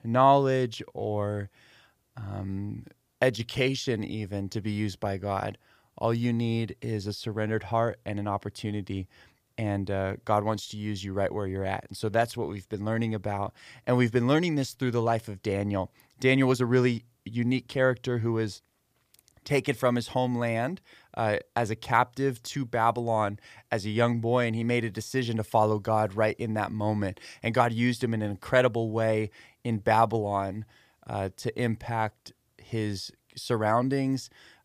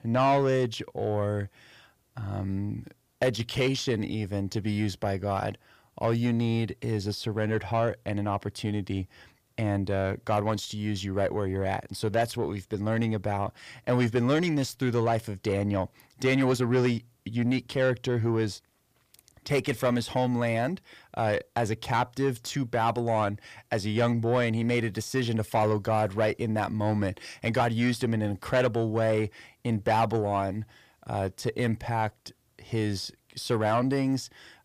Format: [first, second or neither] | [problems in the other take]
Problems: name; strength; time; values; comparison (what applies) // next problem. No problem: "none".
first | distortion; slight; 10 dB below the speech